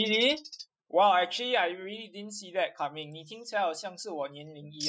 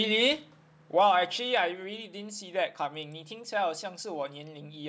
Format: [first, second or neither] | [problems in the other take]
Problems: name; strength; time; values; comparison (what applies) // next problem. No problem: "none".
second | noise reduction (classical method Wiener filter)